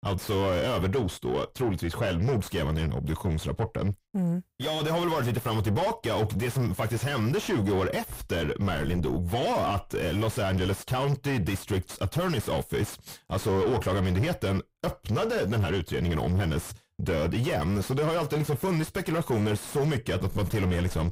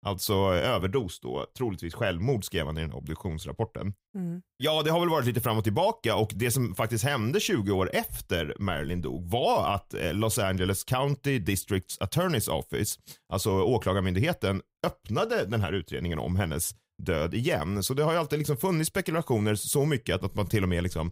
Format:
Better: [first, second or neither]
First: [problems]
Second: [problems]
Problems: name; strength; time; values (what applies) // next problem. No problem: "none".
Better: second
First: distortion; heavy; 6 dB below the speech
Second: none